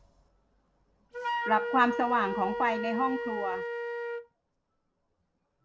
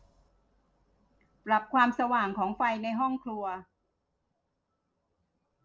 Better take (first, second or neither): second